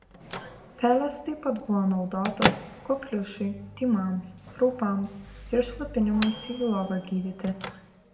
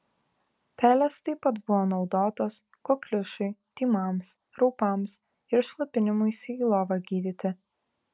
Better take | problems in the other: second | background sound (Microwave oven / Bell); 8 dB below the speech // room echo; dies away in 0.9 s

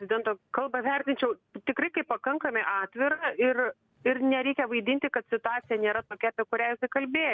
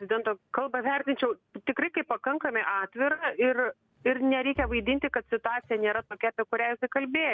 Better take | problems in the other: first | background sound (Bowed string instrument); 15 dB below the speech

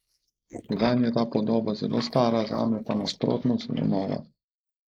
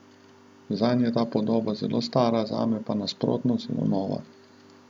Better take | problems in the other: second | noise reduction (neural mask model Resemble Enhance denoiser)

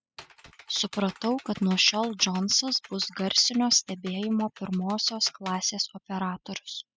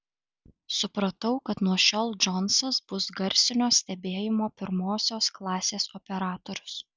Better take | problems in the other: second | noise reduction (classical method spectral subtraction)

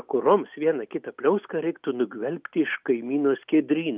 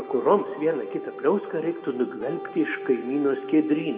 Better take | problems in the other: first | background sound (Brass instrument); 13 dB below the speech // room echo; dies away in 2 s

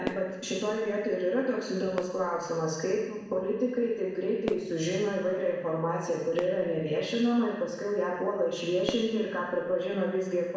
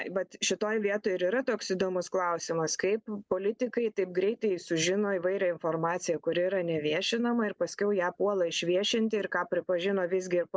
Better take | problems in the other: second | background sound (Fireworks); 17 dB below the speech // room echo; dies away in 1.1 s

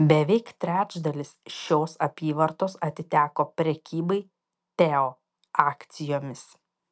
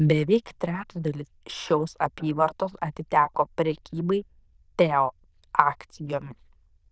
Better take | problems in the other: first | noise reduction (neural diffusion model UNIVERSE++)

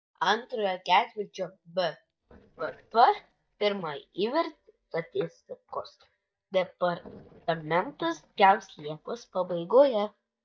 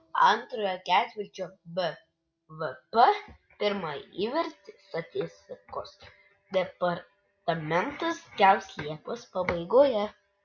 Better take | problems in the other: second | noise reduction (neural mask model DeepFilterNet 3)

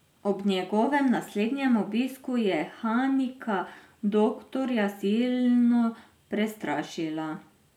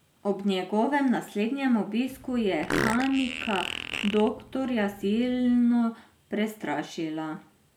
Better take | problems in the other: first | background sound (Fart); 8 dB below the speech

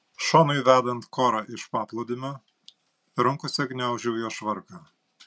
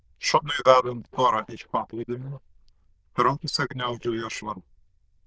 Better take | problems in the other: first | noise reduction (neural diffusion model UNIVERSE++)

